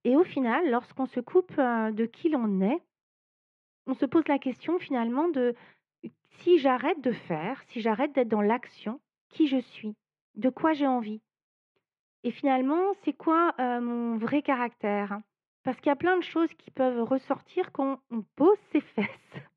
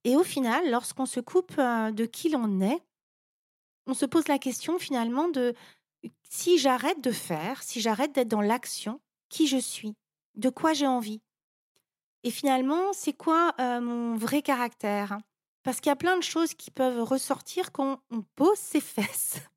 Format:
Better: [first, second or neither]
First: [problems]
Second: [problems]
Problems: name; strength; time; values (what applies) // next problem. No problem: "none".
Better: second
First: muffled; very; fading above 2.5 kHz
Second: none